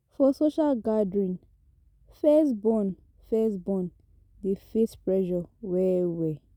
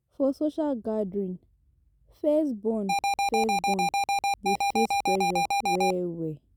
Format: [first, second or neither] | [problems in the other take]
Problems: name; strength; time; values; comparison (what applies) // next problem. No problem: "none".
first | background sound (Alarm); 4 dB above the speech